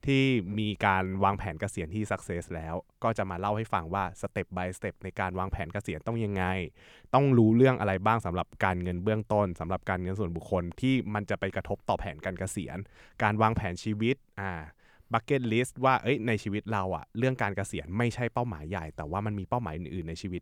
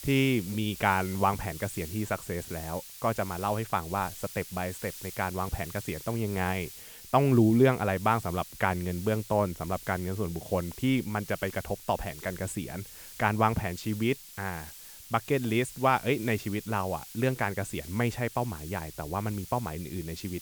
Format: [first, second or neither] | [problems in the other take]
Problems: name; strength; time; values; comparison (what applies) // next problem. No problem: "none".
first | hiss; noticeable; throughout; 15 dB below the speech